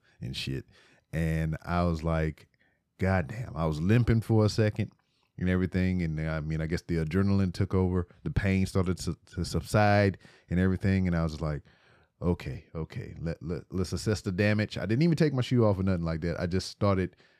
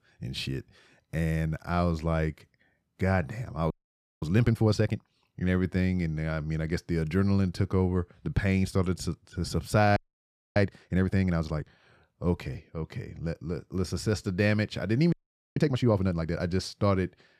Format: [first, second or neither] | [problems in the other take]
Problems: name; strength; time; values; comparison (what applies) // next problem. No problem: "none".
first | audio freezing; at 3.5 s for 0.5 s, at 10 s for 0.5 s and at 15 s